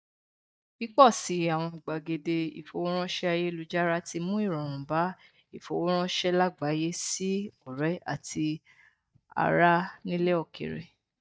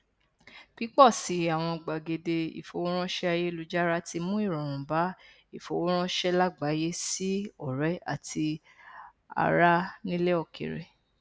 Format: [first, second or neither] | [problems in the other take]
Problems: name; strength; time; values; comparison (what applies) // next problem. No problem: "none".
second | noise reduction (neural mask model DeepFilterNet 3)